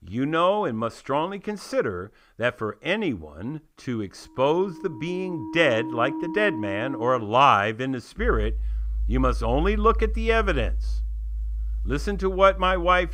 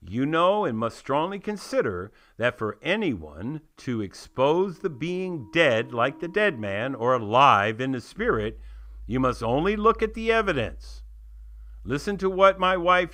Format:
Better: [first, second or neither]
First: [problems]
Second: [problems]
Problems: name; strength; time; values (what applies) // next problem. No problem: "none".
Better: second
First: background music; loud; from 5 s on; 7 dB below the speech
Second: background music; faint; from 5 s on; 20 dB below the speech